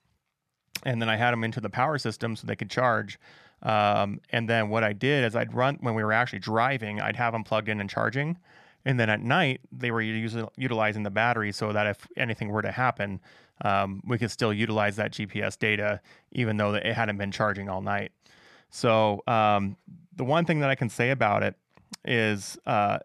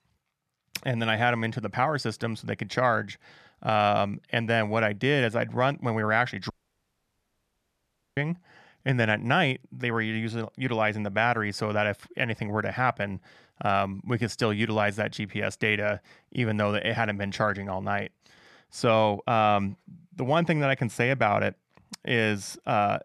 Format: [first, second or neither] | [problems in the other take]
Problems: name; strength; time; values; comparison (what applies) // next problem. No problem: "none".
first | audio cutting out; at 6.5 s for 1.5 s